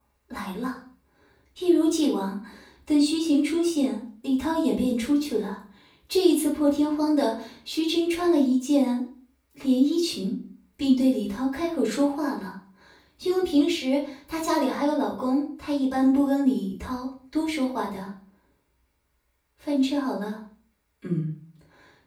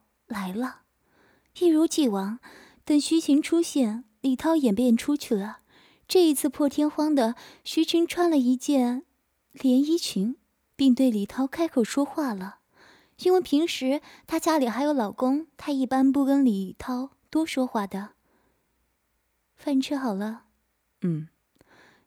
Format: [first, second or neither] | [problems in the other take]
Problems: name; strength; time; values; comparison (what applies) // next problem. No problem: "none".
second | off-mic speech; far // room echo; slight; dies away in 0.4 s